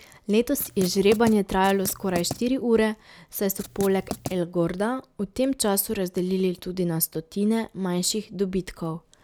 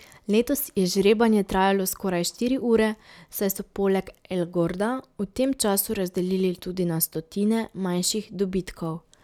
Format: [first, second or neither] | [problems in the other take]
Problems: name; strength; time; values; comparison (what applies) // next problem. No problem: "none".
second | background sound (Writing); 12 dB below the speech